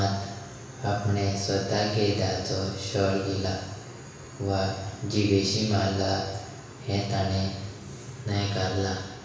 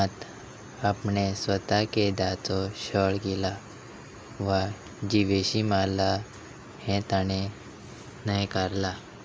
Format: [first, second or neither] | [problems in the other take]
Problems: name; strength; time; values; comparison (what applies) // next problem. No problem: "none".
second | room echo; dies away in 1.1 s